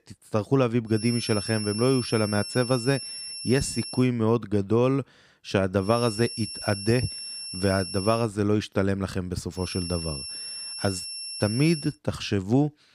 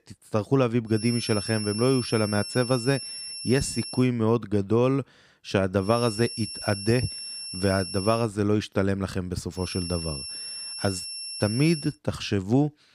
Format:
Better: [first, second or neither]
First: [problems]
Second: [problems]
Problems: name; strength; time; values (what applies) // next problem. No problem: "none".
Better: neither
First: high-pitched whine; loud; from 1 to 4 s, from 6 to 8 s and from 9.5 to 12 s; 5.5 kHz, 8 dB below the speech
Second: high-pitched whine; loud; from 1 to 4 s, from 6 to 8 s and from 9.5 to 12 s; 5.5 kHz, 8 dB below the speech